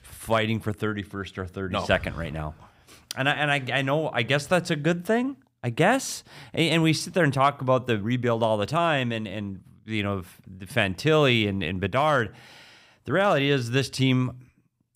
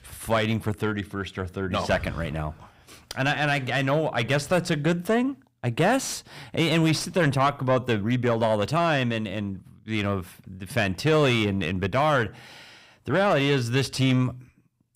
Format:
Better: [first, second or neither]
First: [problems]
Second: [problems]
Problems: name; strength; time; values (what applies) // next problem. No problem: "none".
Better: first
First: none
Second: distortion; slight; 10 dB below the speech